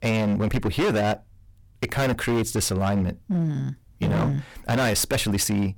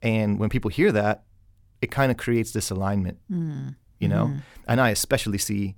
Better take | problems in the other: second | distortion; heavy; 22% of the sound clipped

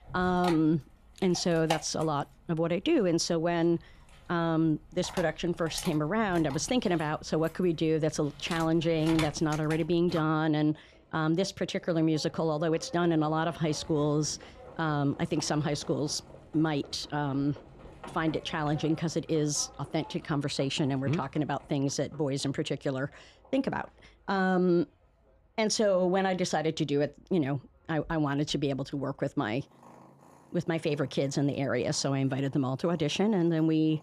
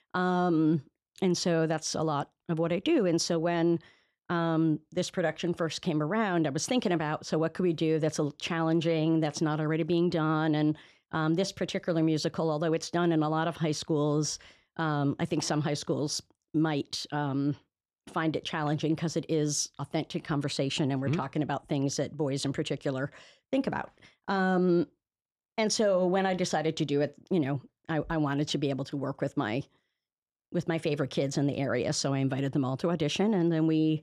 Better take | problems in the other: second | animal sounds; noticeable; throughout; 15 dB below the speech

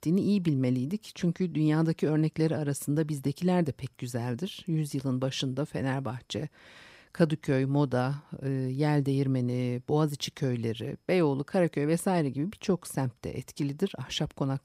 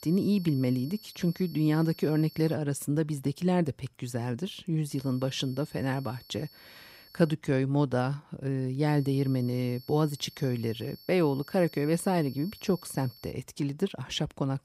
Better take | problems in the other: first | high-pitched whine; faint; until 2.5 s, from 5 to 7.5 s and from 9 to 13 s; 4.5 kHz, 20 dB below the speech

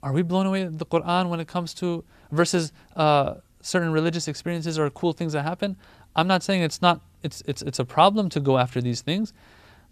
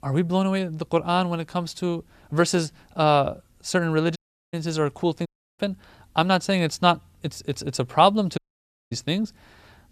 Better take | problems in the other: first | audio cutting out; at 4 s, at 5.5 s and at 8.5 s for 0.5 s

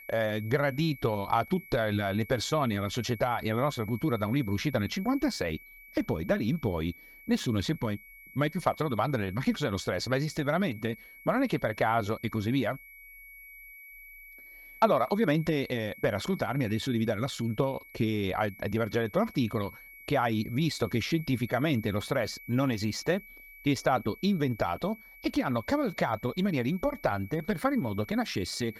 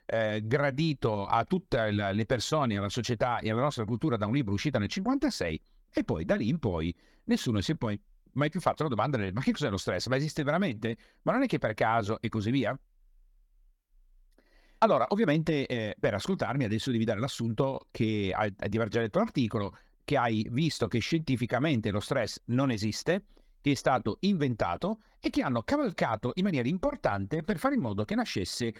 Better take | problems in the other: second | high-pitched whine; noticeable; throughout; 2.5 kHz, 20 dB below the speech

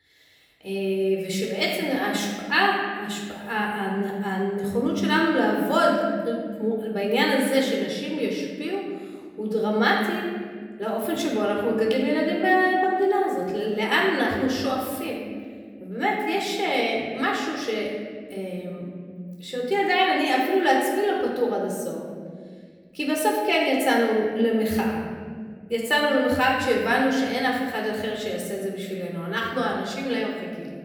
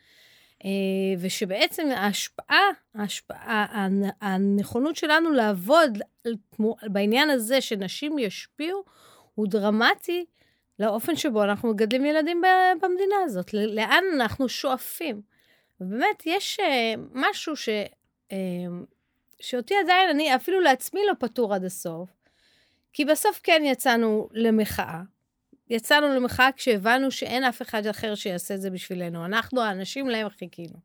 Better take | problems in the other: second | off-mic speech; somewhat distant // room echo; noticeable; dies away in 1.8 s

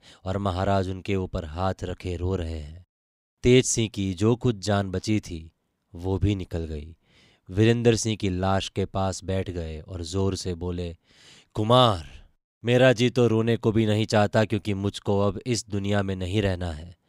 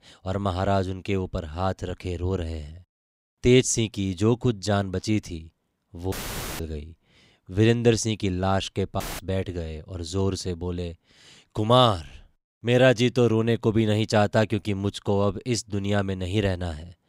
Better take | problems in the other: first | audio cutting out; filled with static; at 6 s and at 9 s

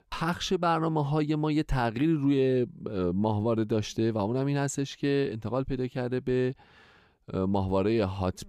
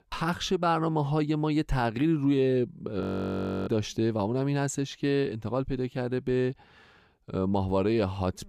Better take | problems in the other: first | audio freezing; at 3 s for 0.5 s

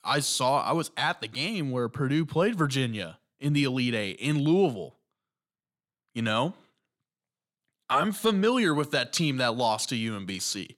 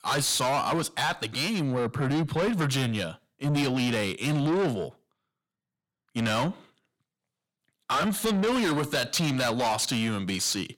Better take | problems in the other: first | distortion; heavy; 7 dB below the speech

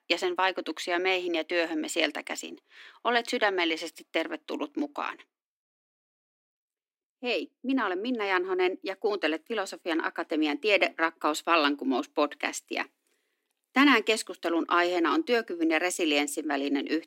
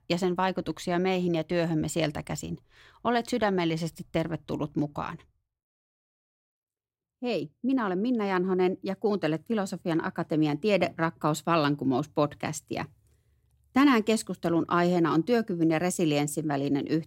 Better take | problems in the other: second | thin; very slightly; fading below 250 Hz

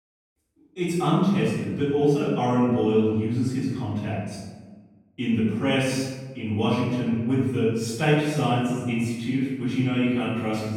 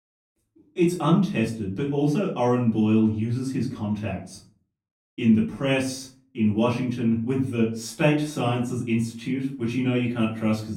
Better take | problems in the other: second | room echo; strong; dies away in 1.1 s; slight in the second // off-mic speech; far; far in the second

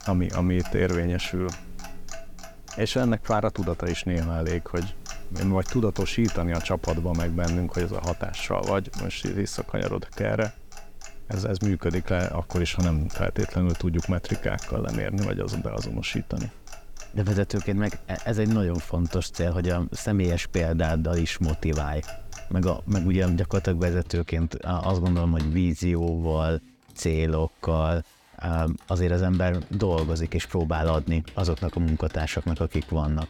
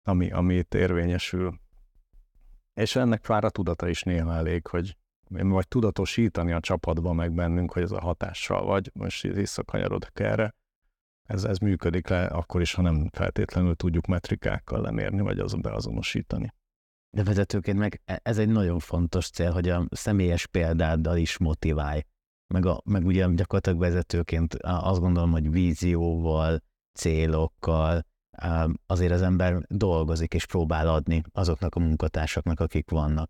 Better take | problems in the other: second | household noises; noticeable; throughout; 15 dB below the speech

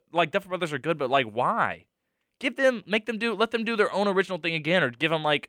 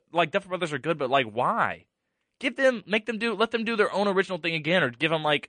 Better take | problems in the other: first | garbled, watery; slightly; nothing above 9 kHz

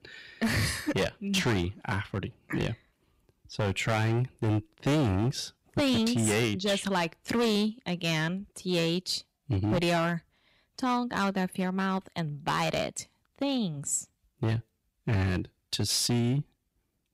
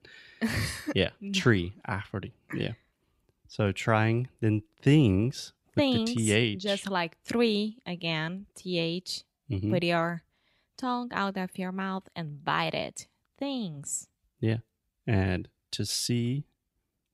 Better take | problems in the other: second | distortion; heavy; 10% of the sound clipped

